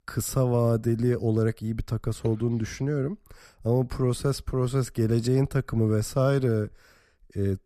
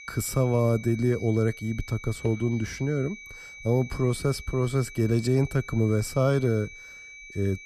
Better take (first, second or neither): first